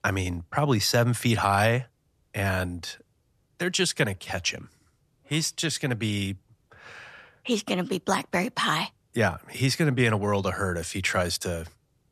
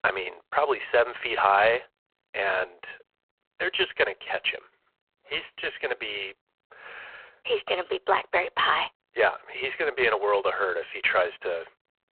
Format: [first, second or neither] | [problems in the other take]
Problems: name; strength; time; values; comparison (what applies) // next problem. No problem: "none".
first | phone-call audio; poor line